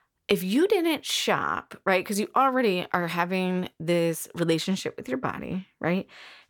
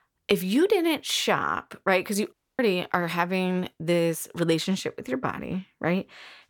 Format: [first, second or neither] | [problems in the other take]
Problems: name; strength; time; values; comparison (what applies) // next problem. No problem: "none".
first | audio cutting out; at 2.5 s